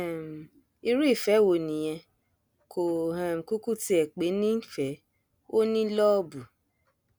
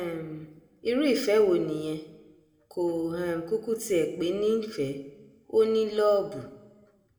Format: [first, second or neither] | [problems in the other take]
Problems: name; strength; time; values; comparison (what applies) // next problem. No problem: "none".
first | room echo; dies away in 0.8 s